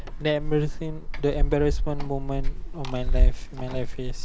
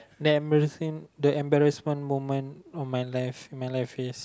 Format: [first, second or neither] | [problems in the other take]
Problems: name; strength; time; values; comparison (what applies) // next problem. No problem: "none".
second | background sound (Keys jangling); 4 dB above the speech